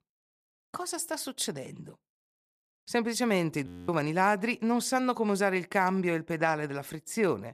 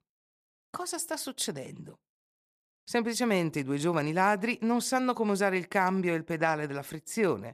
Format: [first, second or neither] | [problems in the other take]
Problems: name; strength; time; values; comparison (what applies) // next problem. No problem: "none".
second | audio freezing; at 3.5 s